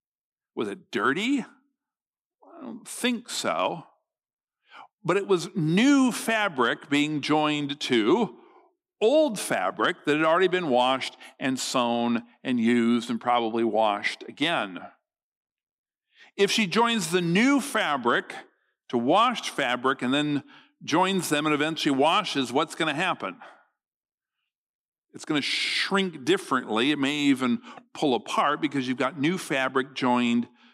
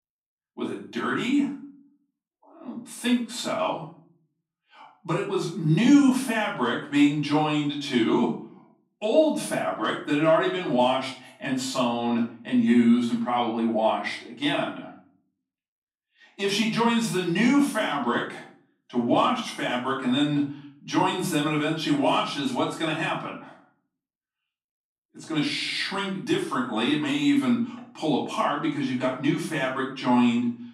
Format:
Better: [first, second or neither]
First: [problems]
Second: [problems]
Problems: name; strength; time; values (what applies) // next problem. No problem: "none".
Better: first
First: none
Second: room echo; noticeable; dies away in 0.4 s // off-mic speech; far